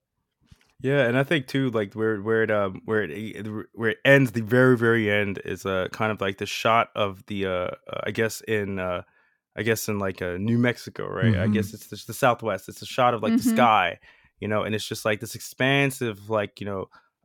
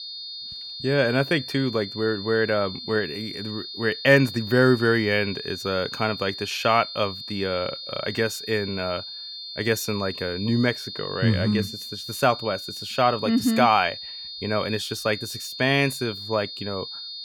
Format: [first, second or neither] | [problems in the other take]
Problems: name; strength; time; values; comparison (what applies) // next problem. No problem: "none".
first | high-pitched whine; loud; throughout; 4.5 kHz, 9 dB below the speech